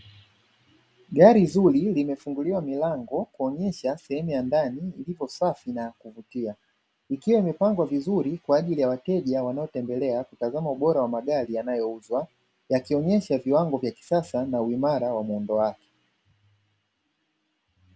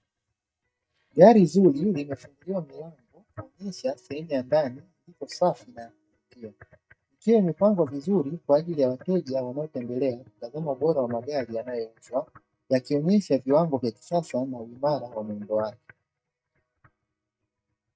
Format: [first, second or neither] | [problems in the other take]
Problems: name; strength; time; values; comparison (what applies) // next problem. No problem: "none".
first | noise reduction (neural mask model DeepFilterNet 3)